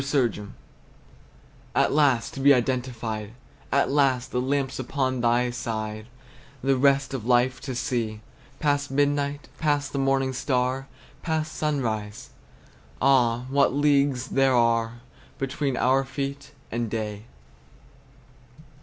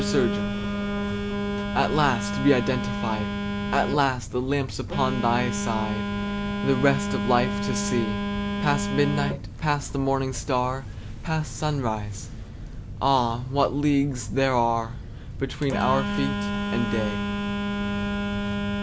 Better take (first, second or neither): first